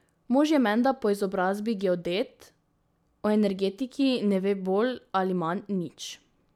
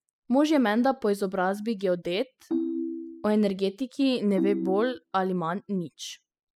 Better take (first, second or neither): first